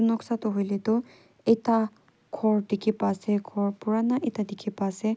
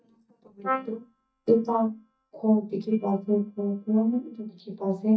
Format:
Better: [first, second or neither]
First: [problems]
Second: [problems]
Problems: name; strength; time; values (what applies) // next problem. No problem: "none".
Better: first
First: none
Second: noise reduction (neural mask model DeepFilterNet 3)